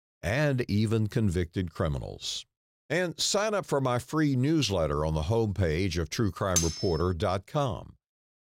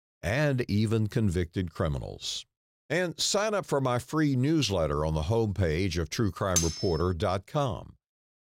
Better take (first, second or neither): neither